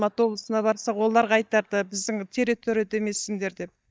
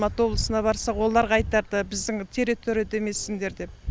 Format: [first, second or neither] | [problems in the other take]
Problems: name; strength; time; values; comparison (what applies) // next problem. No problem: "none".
second | noise reduction (neural mask model DeepFilterNet 3)